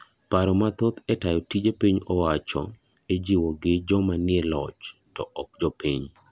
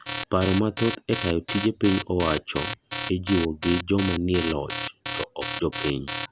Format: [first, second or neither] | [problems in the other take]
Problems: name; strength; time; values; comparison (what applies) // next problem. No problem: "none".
first | background sound (Alarm); 8 dB below the speech